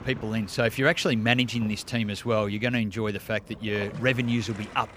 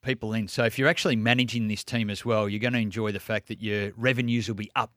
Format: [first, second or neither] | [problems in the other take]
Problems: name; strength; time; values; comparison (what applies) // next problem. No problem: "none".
second | rain or running water; noticeable; throughout; 20 dB below the speech